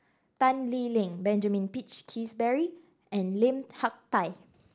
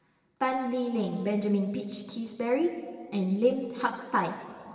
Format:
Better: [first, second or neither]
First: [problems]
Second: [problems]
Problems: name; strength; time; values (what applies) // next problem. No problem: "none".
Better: first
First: none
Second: room echo; dies away in 2.3 s